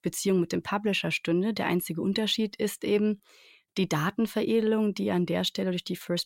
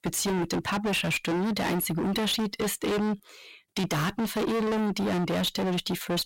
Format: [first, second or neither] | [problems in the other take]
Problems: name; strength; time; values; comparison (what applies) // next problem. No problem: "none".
first | distortion; heavy; 40% of the sound clipped